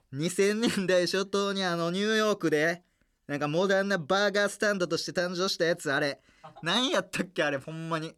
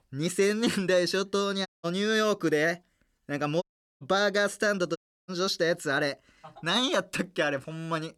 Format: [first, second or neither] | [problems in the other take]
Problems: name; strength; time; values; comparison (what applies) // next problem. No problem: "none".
first | audio cutting out; at 1.5 s, at 3.5 s and at 5 s